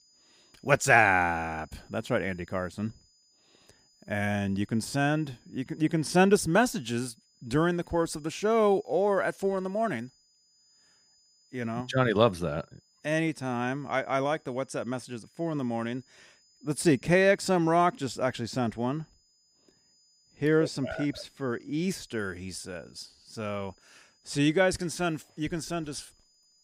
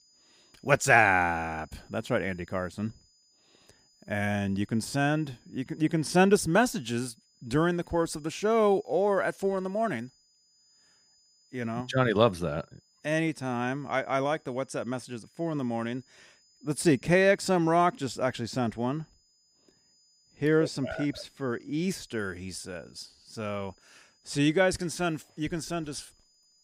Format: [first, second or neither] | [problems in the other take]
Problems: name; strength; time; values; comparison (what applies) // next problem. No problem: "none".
neither | high-pitched whine; faint; throughout; 5 kHz, 35 dB below the speech; the same in both